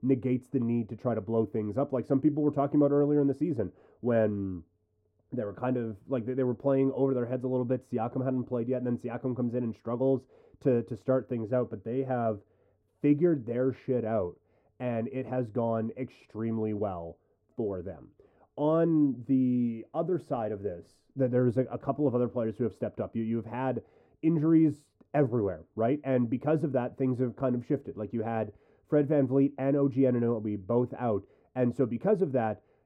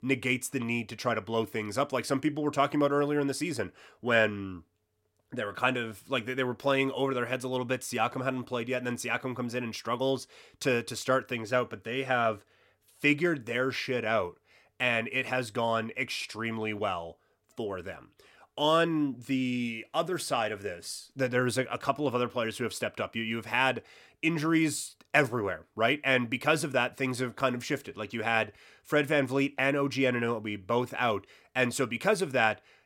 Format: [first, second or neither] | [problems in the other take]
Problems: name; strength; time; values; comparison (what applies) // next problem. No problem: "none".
second | muffled; very; fading above 1.5 kHz